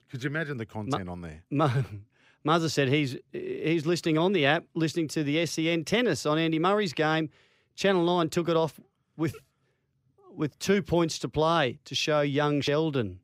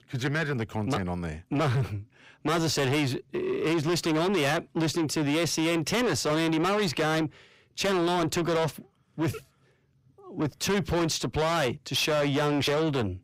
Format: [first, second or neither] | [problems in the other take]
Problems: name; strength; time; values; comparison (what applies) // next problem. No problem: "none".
first | distortion; heavy; 6 dB below the speech